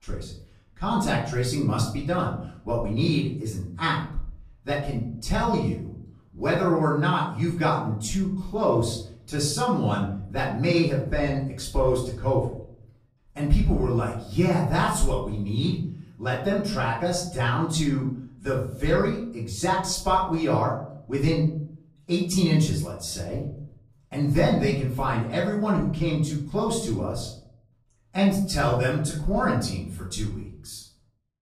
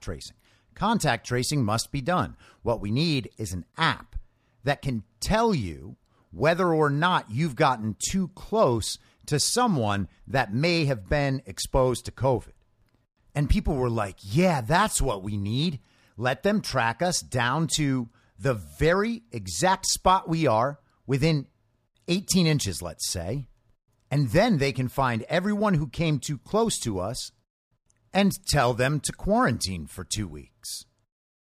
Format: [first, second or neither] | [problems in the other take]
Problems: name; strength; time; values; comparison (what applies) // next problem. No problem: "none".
second | off-mic speech; far // room echo; noticeable; dies away in 0.6 s